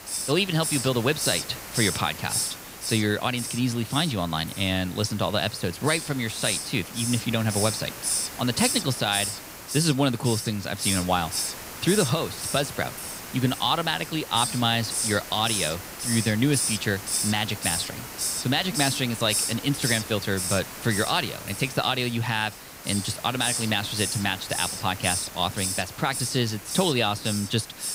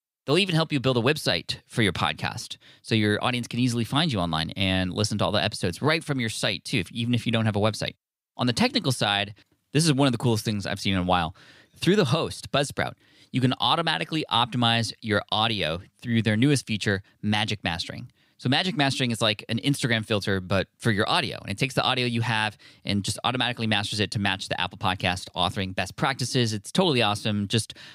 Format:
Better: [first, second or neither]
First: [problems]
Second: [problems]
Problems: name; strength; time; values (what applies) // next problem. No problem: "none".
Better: second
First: hiss; loud; throughout; 4 dB below the speech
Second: none